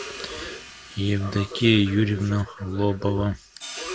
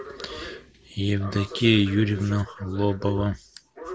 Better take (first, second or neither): second